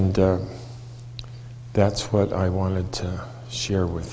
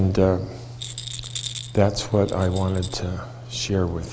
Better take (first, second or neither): first